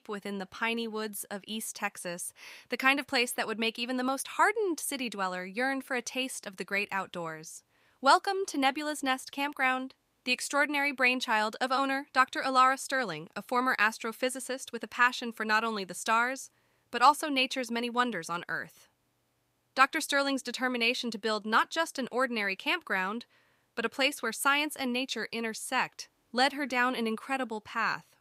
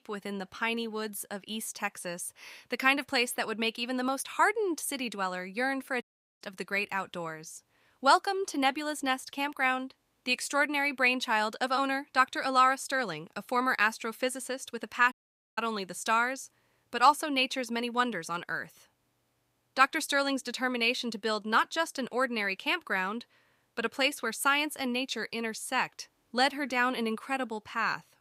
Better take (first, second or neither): first